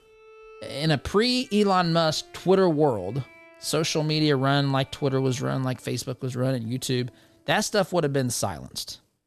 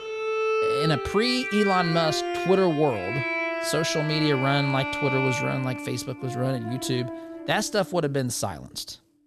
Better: first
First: background music; faint; until 7.5 s; 25 dB below the speech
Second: background music; loud; until 7.5 s; 3 dB below the speech

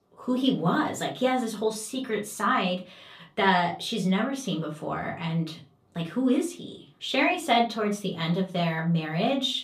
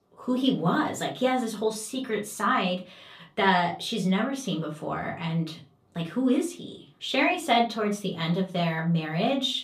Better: neither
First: off-mic speech; far // room echo; very slight; dies away in 0.2 s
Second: off-mic speech; far // room echo; very slight; dies away in 0.2 s

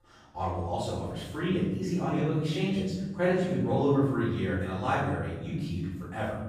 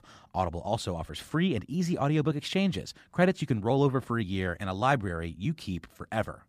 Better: second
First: off-mic speech; far // room echo; strong; dies away in 1.1 s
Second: none

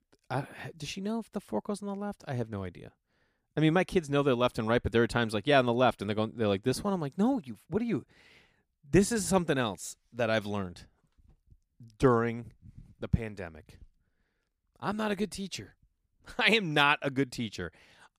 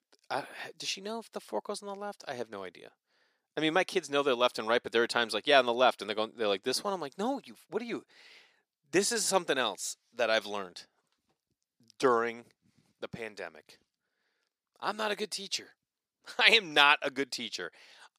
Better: first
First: none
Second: thin; somewhat; fading below 450 Hz

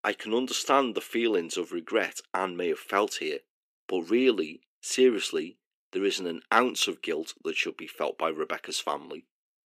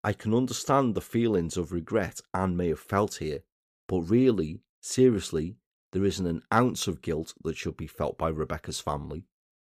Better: second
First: thin; somewhat; fading below 300 Hz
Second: none

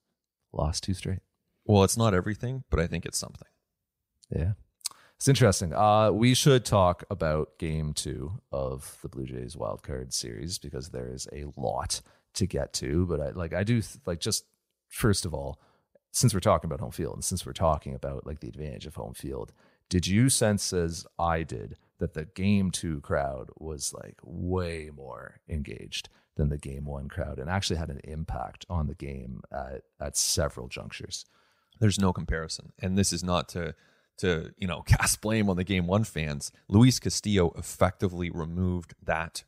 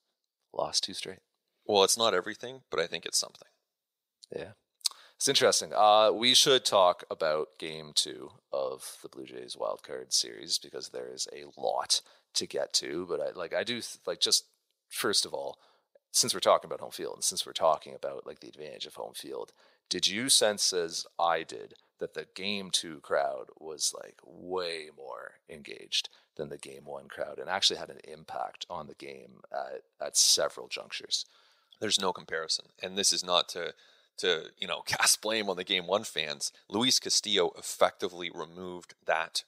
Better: first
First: none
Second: thin; very; fading below 500 Hz

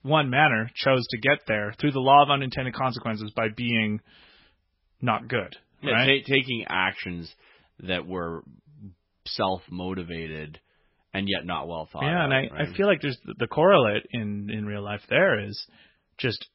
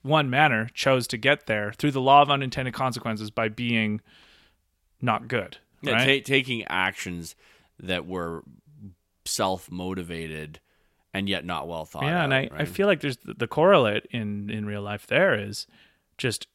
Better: second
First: garbled, watery; badly; nothing above 5.5 kHz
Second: none

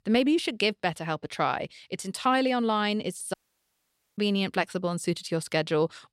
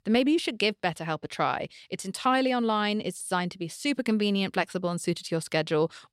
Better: second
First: audio cutting out; at 3.5 s for 1 s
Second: none

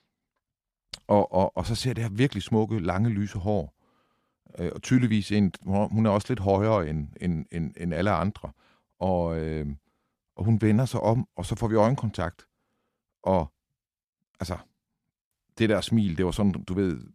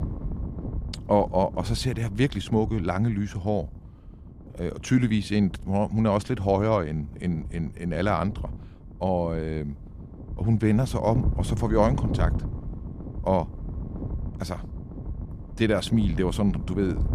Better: first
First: none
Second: wind noise on the microphone; occasional gusts; 15 dB below the speech

